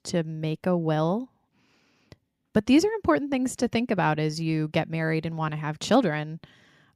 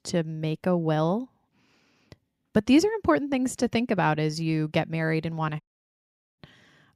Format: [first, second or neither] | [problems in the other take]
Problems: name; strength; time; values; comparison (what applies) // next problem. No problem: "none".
first | audio cutting out; at 5.5 s for 1 s